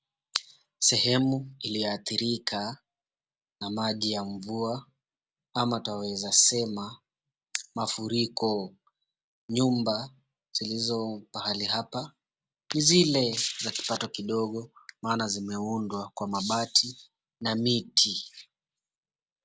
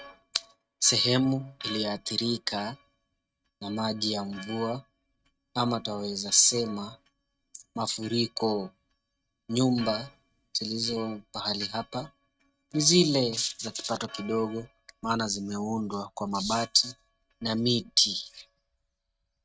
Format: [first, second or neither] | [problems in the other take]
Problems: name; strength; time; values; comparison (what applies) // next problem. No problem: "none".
first | noise reduction (neural mask model RNNoise)